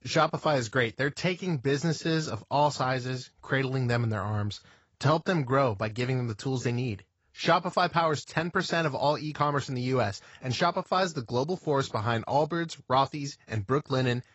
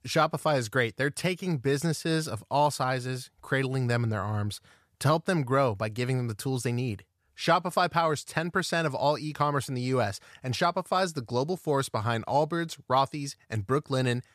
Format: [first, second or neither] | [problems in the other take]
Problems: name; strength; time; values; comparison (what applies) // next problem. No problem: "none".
second | garbled, watery; badly; nothing above 7.5 kHz